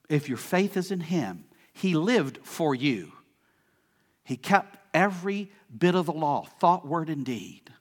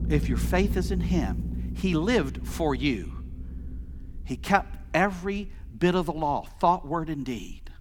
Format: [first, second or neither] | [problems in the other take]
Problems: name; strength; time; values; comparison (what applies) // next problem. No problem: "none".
first | low rumble; noticeable; throughout; 15 dB below the speech